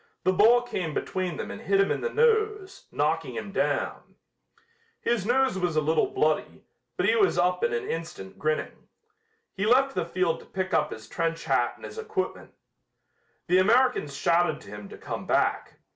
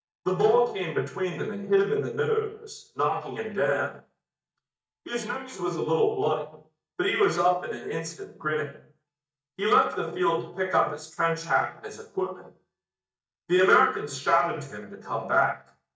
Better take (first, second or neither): first